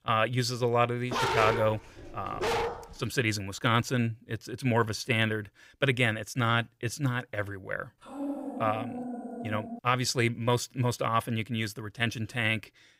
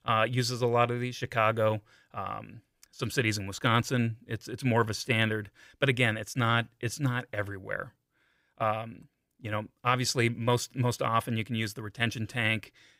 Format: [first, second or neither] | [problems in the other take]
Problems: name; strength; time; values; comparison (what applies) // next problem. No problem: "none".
second | dog barking; loud; from 1 to 3 s; peak 2 dB above the speech // dog barking; noticeable; from 8 to 10 s; peak 6 dB below the speech